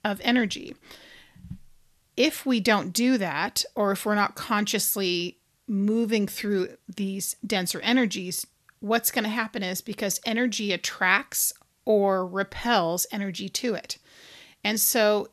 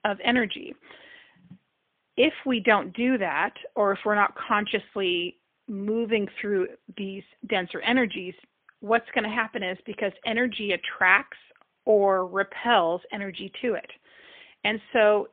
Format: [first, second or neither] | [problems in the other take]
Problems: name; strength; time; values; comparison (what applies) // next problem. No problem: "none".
first | phone-call audio; poor line; nothing above 3.5 kHz